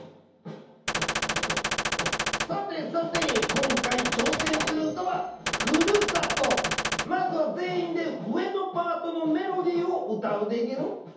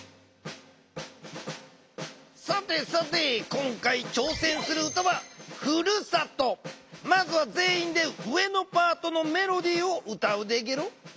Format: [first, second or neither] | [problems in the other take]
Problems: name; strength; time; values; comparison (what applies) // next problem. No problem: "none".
second | background sound (Gunshot, gunfire); as loud as the speech // room echo; dies away in 0.8 s